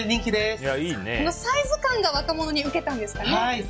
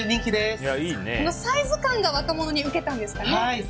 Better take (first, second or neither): first